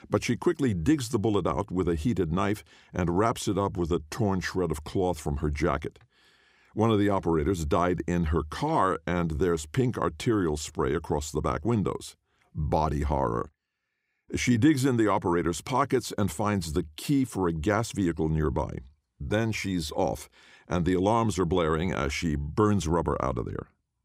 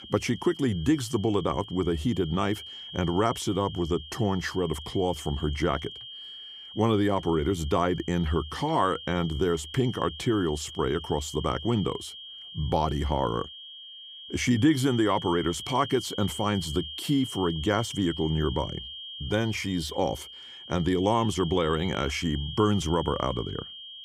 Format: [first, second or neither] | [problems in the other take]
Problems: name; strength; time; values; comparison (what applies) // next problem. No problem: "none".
first | high-pitched whine; noticeable; throughout; 3 kHz, 10 dB below the speech